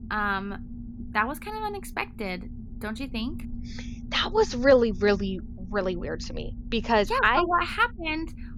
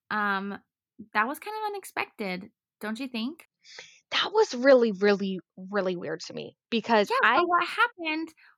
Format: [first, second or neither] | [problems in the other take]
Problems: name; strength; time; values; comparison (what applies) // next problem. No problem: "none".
second | low rumble; faint; throughout; 25 dB below the speech